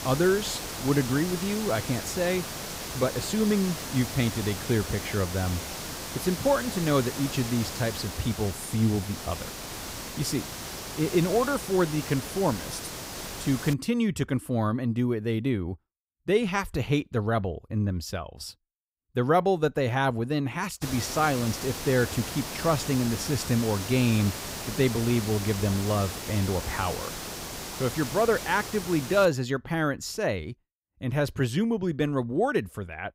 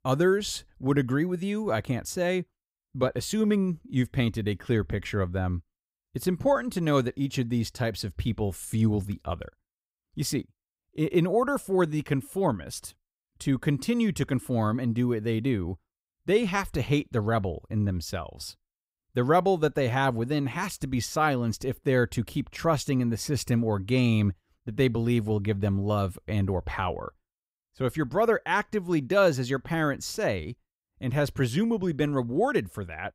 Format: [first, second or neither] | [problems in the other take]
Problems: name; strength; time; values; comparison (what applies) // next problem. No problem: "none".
second | hiss; loud; until 14 s and from 21 to 29 s; 7 dB below the speech